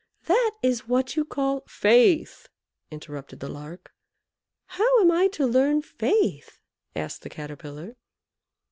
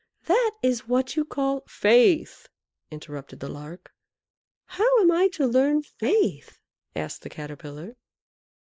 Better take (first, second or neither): first